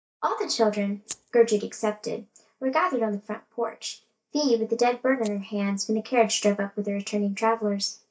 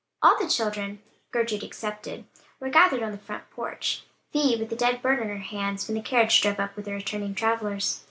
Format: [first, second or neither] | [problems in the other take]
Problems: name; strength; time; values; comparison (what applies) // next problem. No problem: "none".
second | noise reduction (neural mask model DeepFilterNet 3)